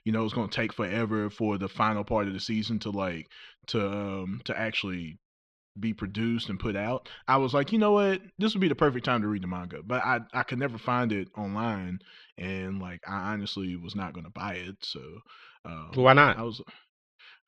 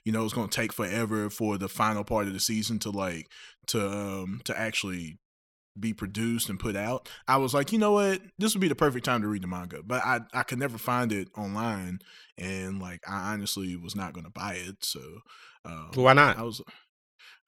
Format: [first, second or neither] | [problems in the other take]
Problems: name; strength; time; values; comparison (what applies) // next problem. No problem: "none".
second | muffled; very slightly; fading above 4 kHz